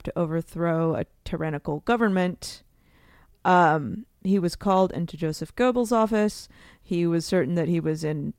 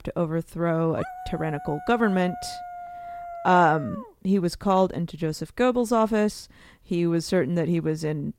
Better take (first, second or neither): first